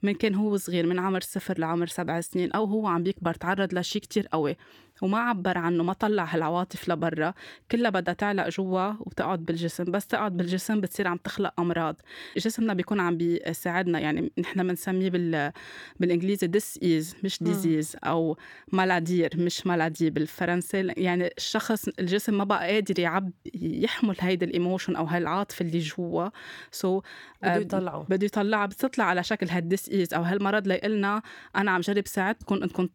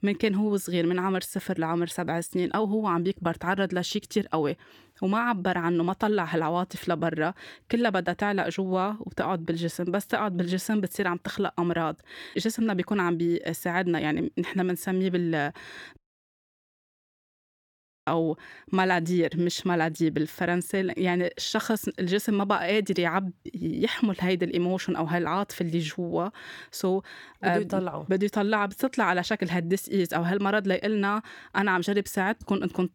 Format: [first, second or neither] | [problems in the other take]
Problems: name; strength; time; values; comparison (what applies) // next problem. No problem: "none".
first | audio cutting out; at 16 s for 2 s